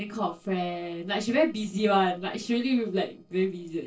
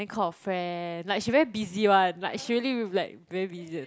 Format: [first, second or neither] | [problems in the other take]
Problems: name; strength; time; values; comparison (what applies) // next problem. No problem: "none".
second | noise reduction (neural separator model SepFormer DNS4)